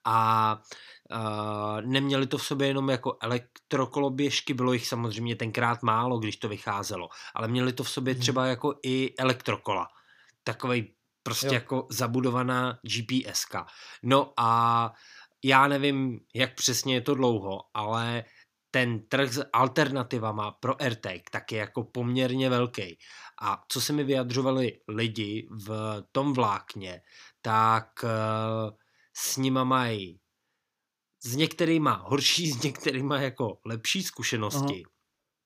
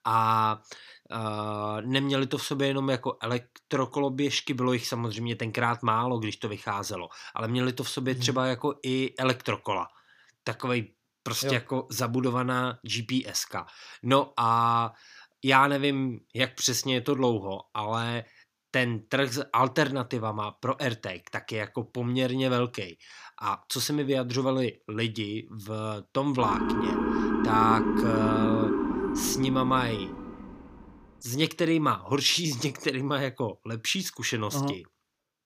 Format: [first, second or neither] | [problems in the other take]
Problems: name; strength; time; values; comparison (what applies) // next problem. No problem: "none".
first | siren; loud; from 26 to 31 s; peak 2 dB above the speech